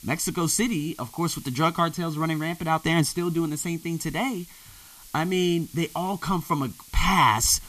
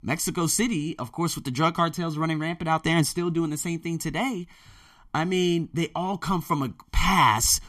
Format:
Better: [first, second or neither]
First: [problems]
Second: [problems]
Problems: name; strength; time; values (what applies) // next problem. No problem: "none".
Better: second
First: hiss; faint; throughout; 20 dB below the speech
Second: none